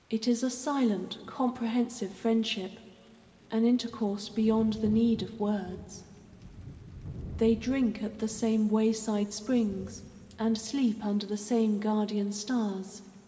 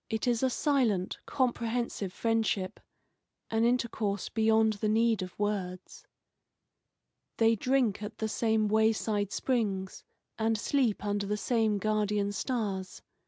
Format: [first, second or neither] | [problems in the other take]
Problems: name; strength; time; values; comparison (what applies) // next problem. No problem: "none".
second | background sound (Thunder / Rain); 18 dB below the speech // room echo; dies away in 1.8 s